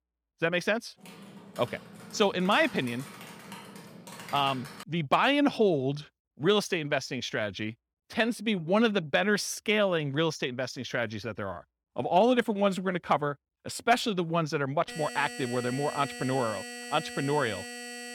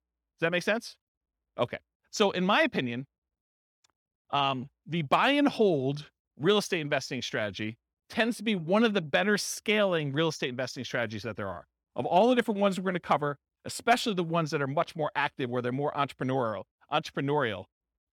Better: second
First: keyboard typing; faint; from 1 to 5 s; peak 15 dB below the speech // alarm; faint; from 15 s on; peak 10 dB below the speech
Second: none

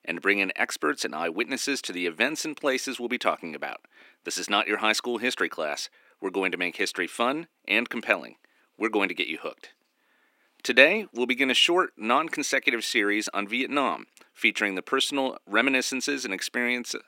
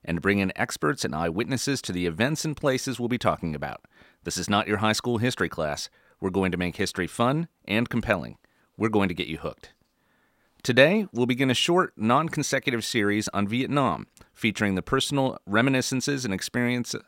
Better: second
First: thin; very slightly; fading below 300 Hz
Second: none

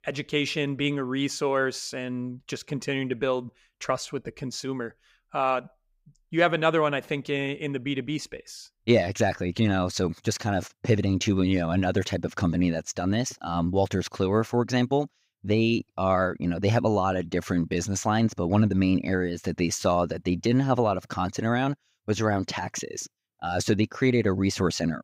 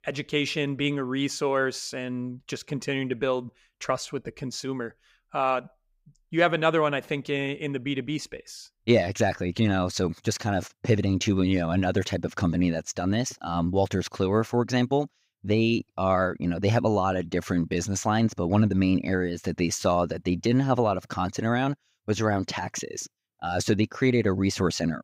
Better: neither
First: none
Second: none

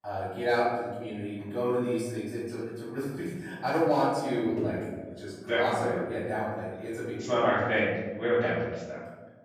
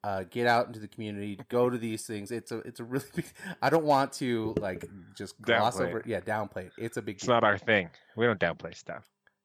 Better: second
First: off-mic speech; far // room echo; strong; dies away in 1.2 s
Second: none

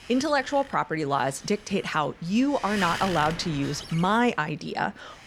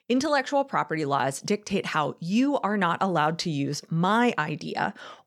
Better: second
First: wind noise on the microphone; occasional gusts; 10 dB below the speech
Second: none

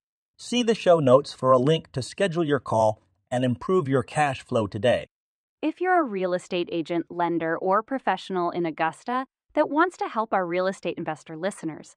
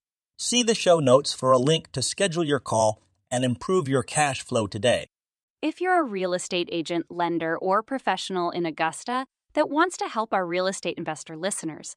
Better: second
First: muffled; slightly; fading above 3.5 kHz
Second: none

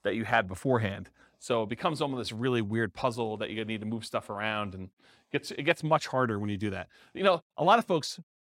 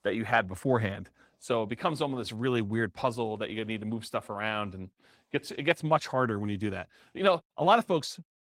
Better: first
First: none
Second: garbled, watery; slightly; nothing above 16 kHz

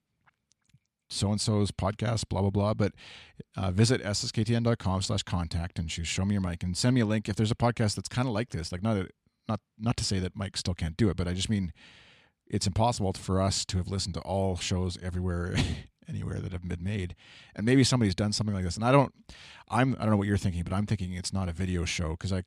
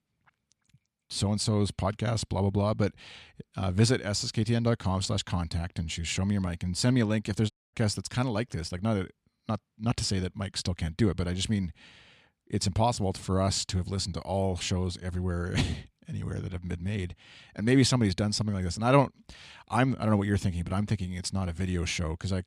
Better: first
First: none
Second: audio cutting out; at 7.5 s

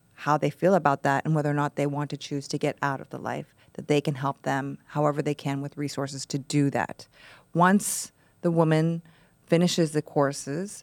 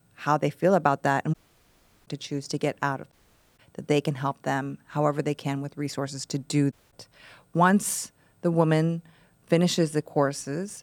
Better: first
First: none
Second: audio cutting out; at 1.5 s for 0.5 s, at 3 s and at 6.5 s

